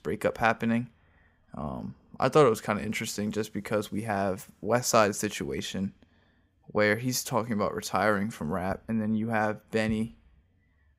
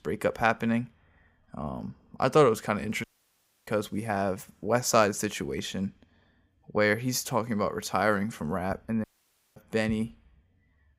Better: first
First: none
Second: audio cutting out; at 3 s for 0.5 s and at 9 s for 0.5 s

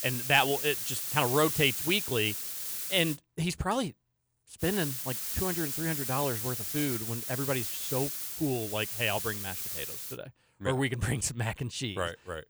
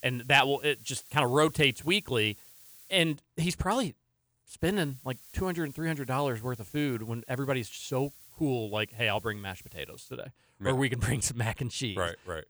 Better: second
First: hiss; loud; until 3 s and from 4.5 to 10 s; 2 dB below the speech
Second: hiss; faint; until 3 s and from 4.5 to 10 s; 20 dB below the speech

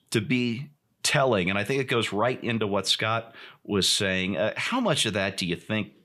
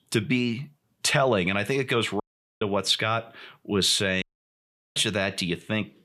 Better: first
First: none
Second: audio cutting out; at 2 s and at 4 s for 0.5 s

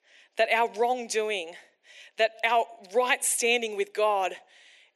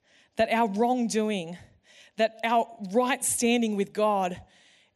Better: second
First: thin; very; fading below 350 Hz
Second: none

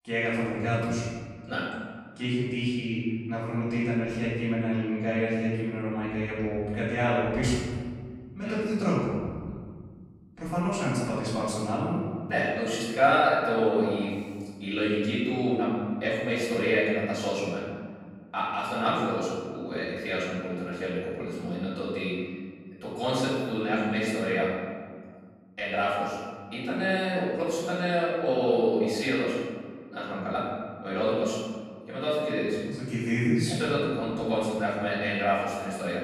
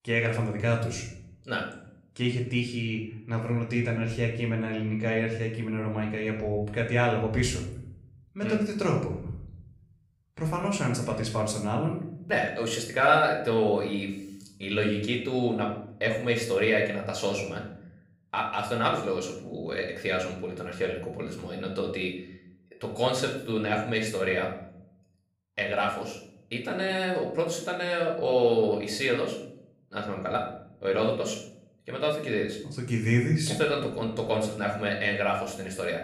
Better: second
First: room echo; strong; dies away in 1.7 s // off-mic speech; far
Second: room echo; slight; dies away in 0.6 s // off-mic speech; somewhat distant

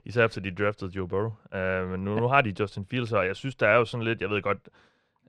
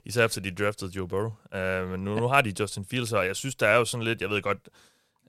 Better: second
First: muffled; slightly; fading above 2.5 kHz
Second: none

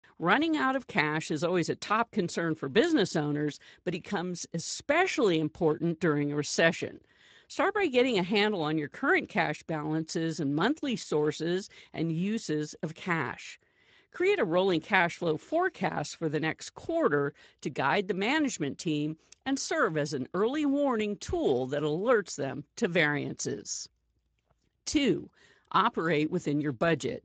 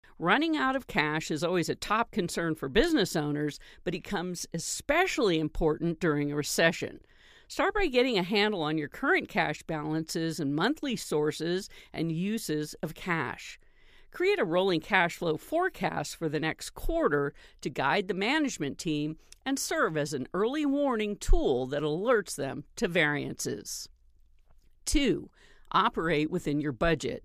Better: second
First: garbled, watery; slightly; nothing above 7.5 kHz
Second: none

